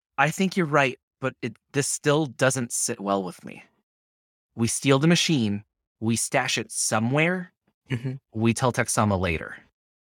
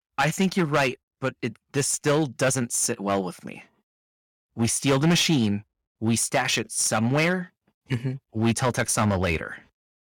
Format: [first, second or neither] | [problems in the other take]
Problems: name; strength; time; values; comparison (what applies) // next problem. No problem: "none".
first | distortion; slight; 5% of the sound clipped